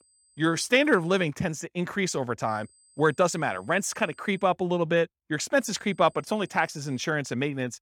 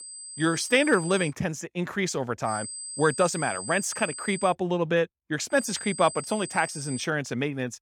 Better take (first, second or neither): first